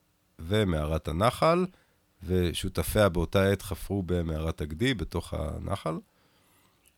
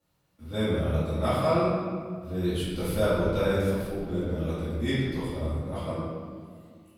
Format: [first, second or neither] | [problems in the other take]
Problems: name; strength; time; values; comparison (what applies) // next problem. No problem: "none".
first | off-mic speech; far // room echo; strong; dies away in 1.7 s